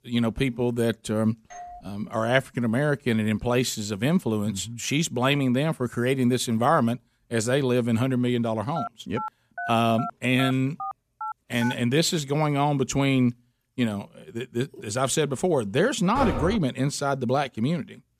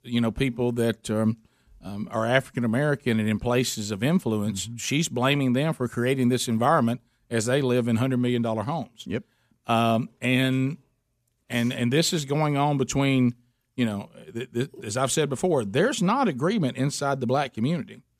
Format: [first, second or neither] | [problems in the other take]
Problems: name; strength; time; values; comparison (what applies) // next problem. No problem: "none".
second | doorbell; faint; at 1.5 s; peak 15 dB below the speech // phone ringing; faint; from 9 to 12 s; peak 10 dB below the speech // door banging; noticeable; at 16 s; peak 4 dB below the speech